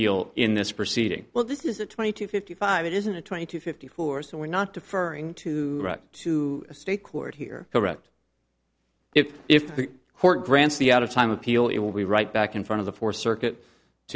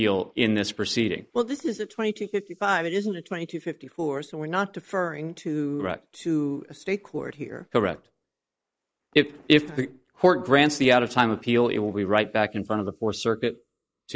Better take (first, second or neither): first